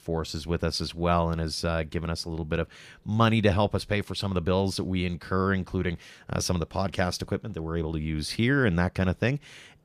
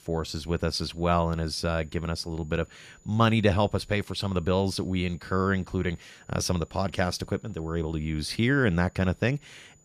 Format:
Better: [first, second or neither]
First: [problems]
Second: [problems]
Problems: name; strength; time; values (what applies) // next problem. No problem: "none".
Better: first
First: none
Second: high-pitched whine; faint; throughout; 7 kHz, 30 dB below the speech